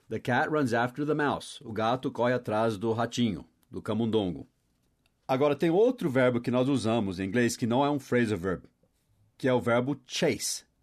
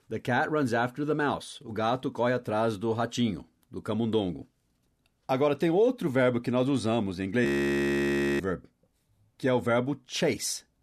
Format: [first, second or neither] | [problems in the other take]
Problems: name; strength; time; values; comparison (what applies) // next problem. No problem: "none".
first | audio freezing; at 7.5 s for 1 s